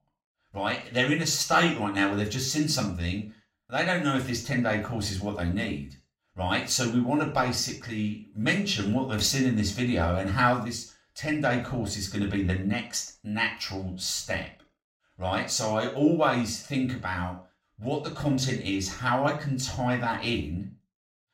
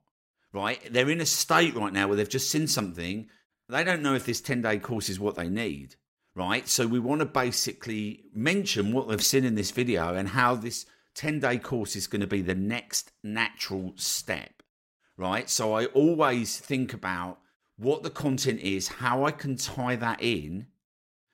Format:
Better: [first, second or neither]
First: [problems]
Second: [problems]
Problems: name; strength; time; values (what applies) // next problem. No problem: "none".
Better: second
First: room echo; slight; dies away in 0.3 s // off-mic speech; far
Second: none